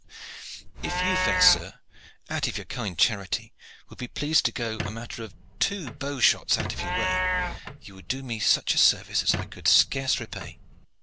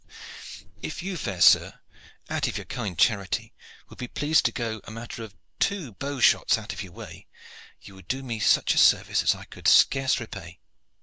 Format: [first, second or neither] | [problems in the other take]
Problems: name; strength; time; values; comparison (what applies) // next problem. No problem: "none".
second | background sound (Squeak + Livestock, farm animals, working animals); 5 dB below the speech